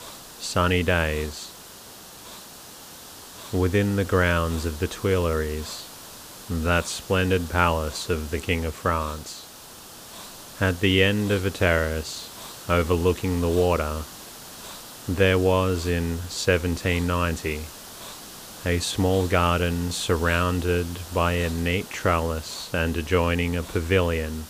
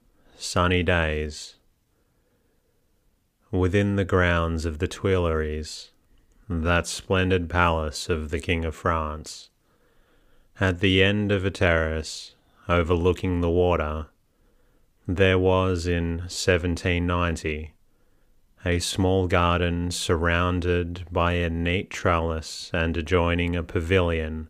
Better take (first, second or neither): second